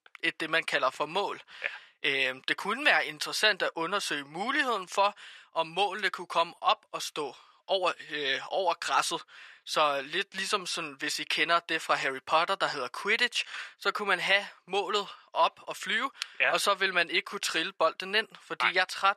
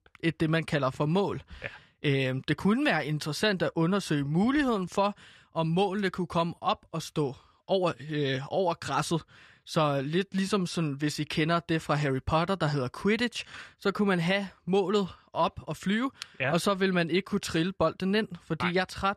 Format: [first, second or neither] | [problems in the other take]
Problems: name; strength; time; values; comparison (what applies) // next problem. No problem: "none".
second | thin; very; fading below 700 Hz